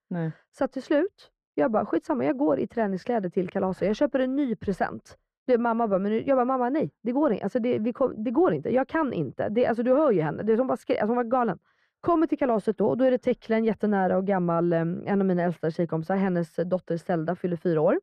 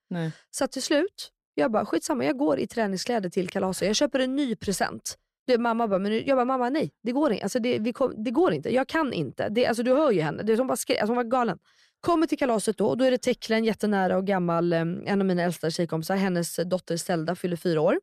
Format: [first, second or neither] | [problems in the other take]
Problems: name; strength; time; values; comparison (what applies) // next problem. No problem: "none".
second | muffled; very; fading above 3 kHz